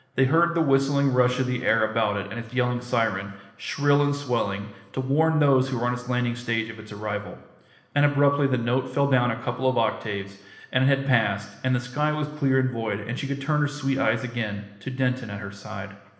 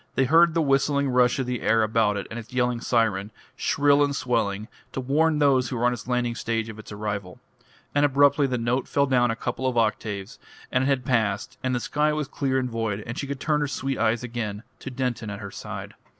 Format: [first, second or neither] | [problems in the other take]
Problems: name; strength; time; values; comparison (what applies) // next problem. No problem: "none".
second | room echo; dies away in 1.1 s